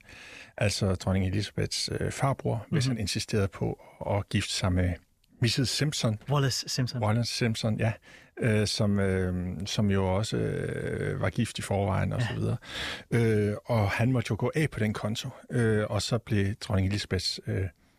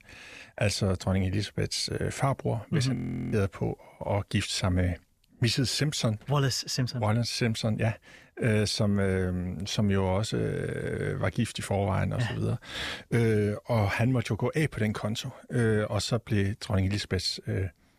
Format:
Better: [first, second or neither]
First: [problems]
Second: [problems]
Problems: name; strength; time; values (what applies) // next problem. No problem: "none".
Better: first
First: none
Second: audio freezing; at 3 s